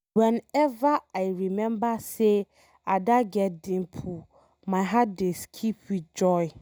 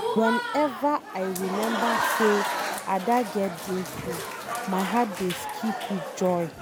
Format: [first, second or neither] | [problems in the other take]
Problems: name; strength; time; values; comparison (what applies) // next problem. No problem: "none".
first | background sound (Applause / Crowd); 3 dB below the speech